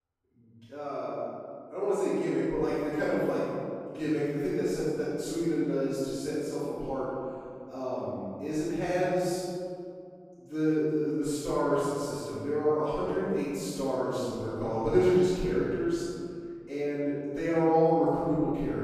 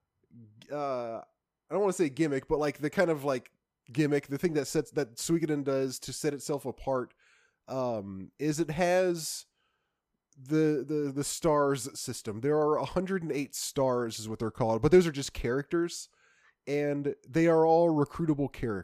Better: second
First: room echo; strong; dies away in 2.2 s // off-mic speech; far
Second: none

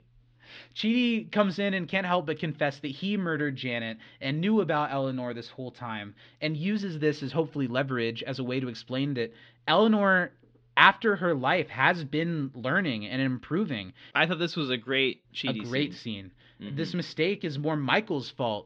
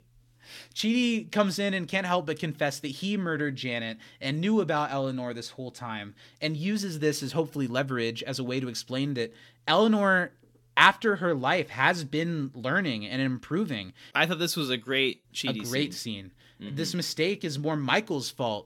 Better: second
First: muffled; slightly; fading above 4 kHz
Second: none

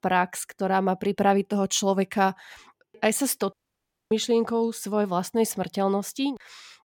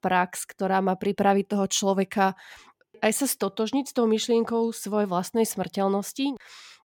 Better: second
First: audio cutting out; at 3.5 s for 0.5 s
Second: none

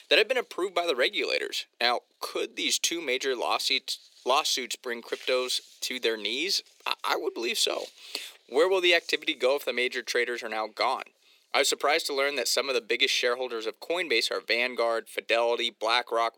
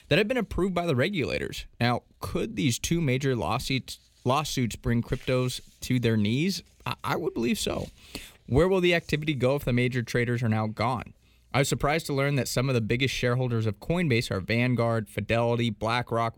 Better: second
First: thin; very; fading below 350 Hz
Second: none

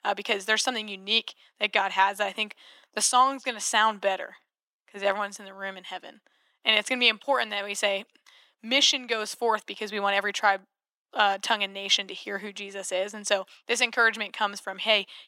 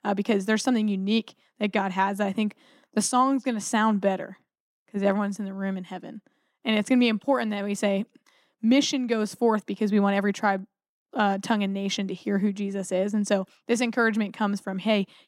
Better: second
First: thin; very; fading below 700 Hz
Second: none

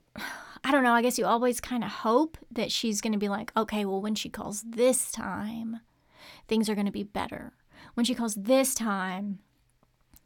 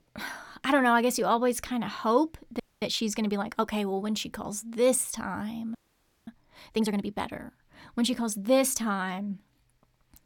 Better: first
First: none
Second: audio freezing; at 2.5 s and at 6 s for 0.5 s

